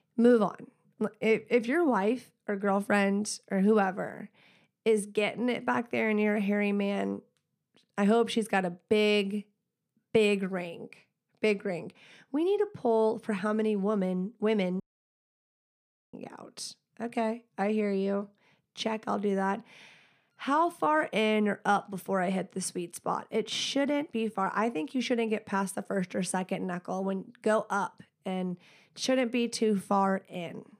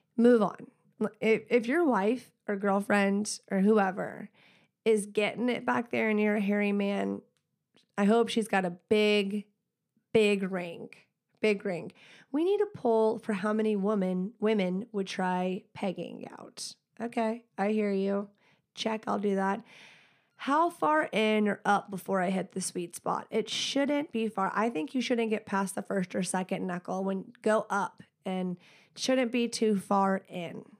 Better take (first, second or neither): second